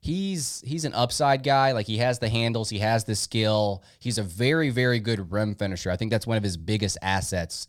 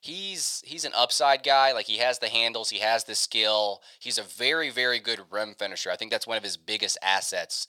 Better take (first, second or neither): first